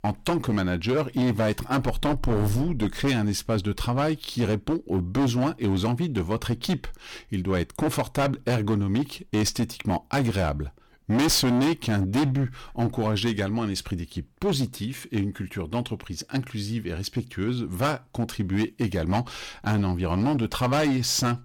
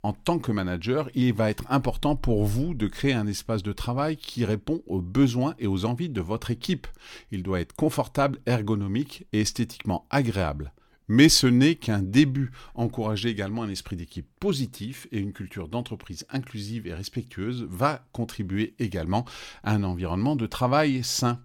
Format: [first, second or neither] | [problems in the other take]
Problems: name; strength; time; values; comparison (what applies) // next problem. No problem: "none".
second | distortion; heavy; 12% of the sound clipped